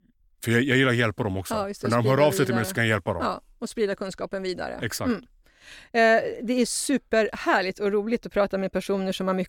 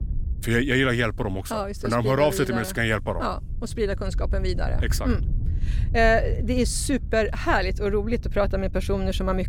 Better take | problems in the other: first | wind noise on the microphone; occasional gusts; 25 dB below the speech

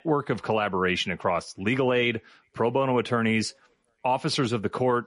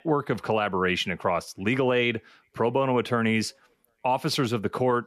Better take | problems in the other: second | garbled, watery; slightly; nothing above 10.5 kHz

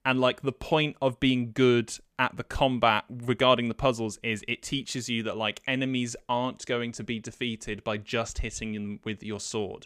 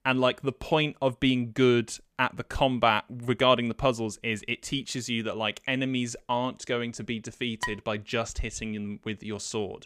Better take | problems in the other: first | clattering dishes; noticeable; at 7.5 s; peak 7 dB below the speech

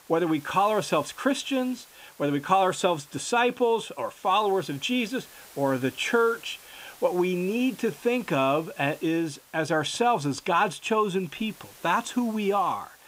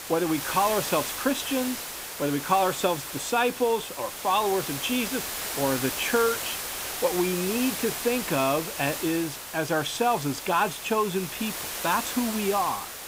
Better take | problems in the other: first | hiss; loud; throughout; 5 dB below the speech; faint in the first

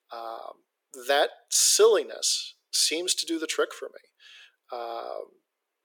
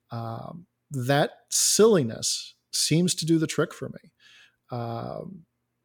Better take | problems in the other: second | thin; very; fading below 400 Hz

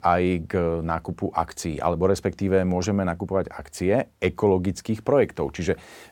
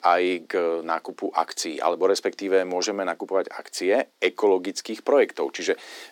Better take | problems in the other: first | thin; somewhat; fading below 300 Hz

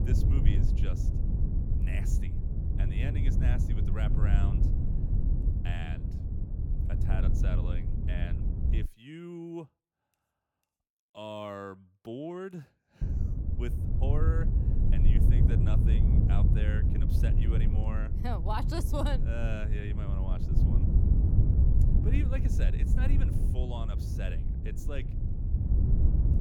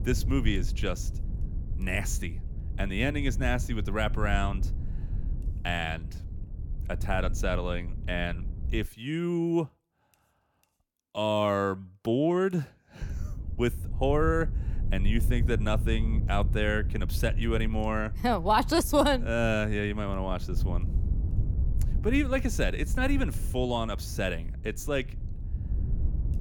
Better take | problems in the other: second | wind noise on the microphone; heavy; until 9 s and from 13 s on; 1 dB below the speech; occasional gusts in the second

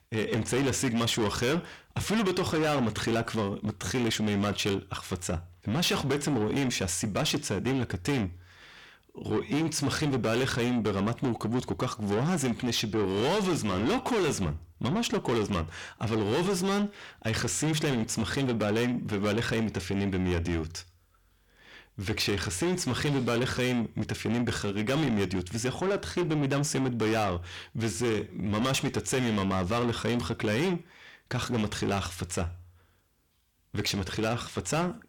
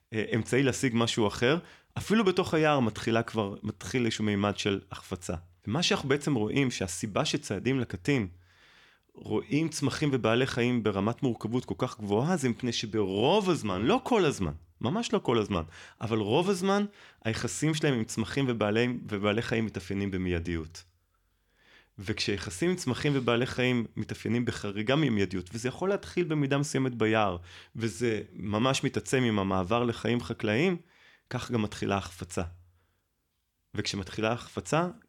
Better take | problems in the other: second | distortion; heavy; 7 dB below the speech

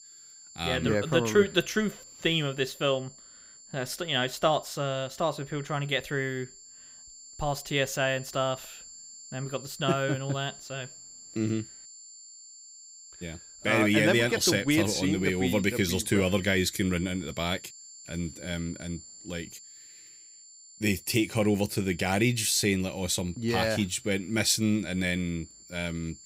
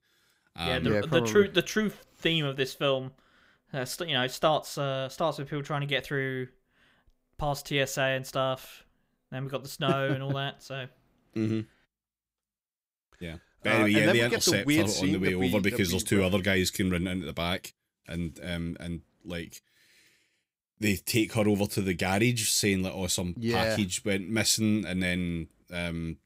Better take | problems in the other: second | high-pitched whine; noticeable; throughout; 7.5 kHz, 20 dB below the speech

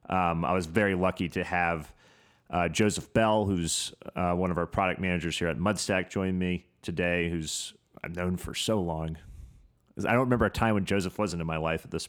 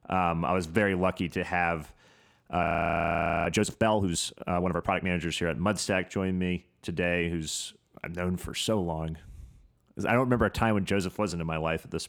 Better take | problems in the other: first | audio freezing; at 2.5 s for 1 s

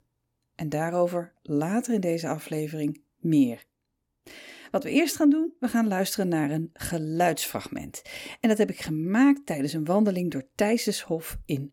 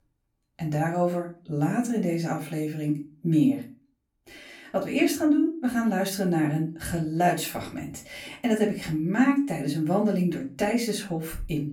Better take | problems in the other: first | off-mic speech; far // room echo; very slight; dies away in 0.3 s

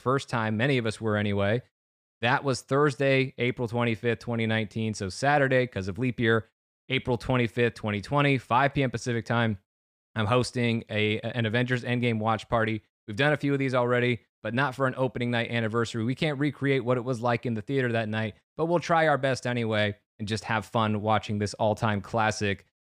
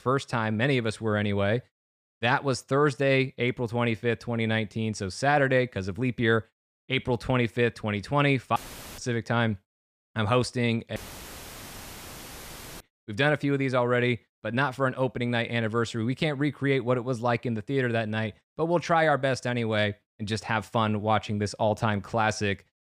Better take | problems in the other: first | audio cutting out; filled with static; at 8.5 s and at 11 s for 2 s

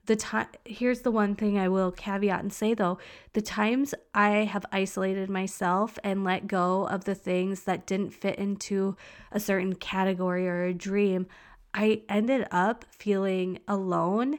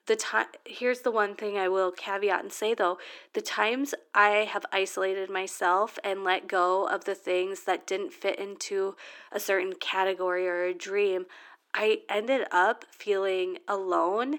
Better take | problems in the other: first | thin; very; fading below 300 Hz

